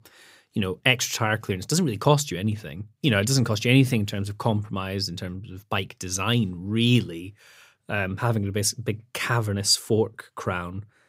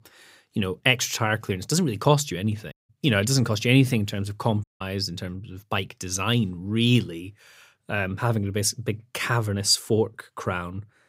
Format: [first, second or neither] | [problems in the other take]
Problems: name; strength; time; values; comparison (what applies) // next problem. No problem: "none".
first | audio cutting out; at 2.5 s and at 4.5 s